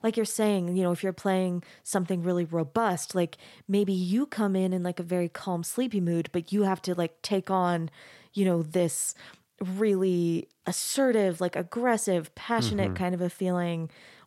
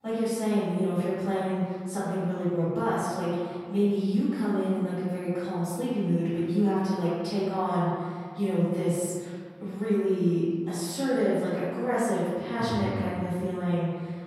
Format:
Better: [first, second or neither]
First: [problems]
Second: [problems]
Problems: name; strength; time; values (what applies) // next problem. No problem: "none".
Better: first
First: none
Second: off-mic speech; far // room echo; strong; dies away in 1.8 s